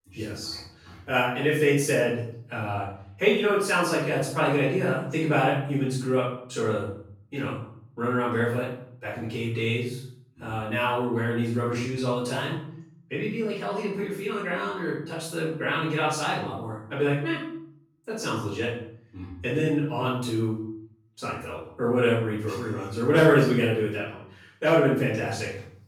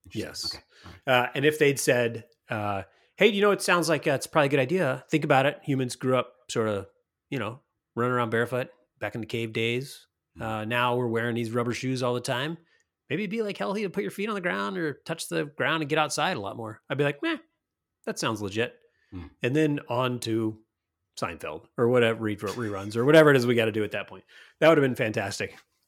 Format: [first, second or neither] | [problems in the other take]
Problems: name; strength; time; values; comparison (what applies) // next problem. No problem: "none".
second | off-mic speech; far // room echo; noticeable; dies away in 0.6 s